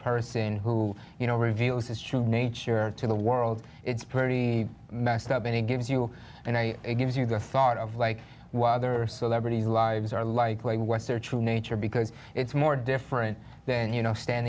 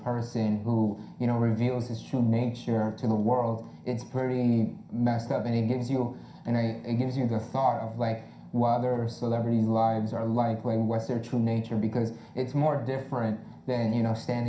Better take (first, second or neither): first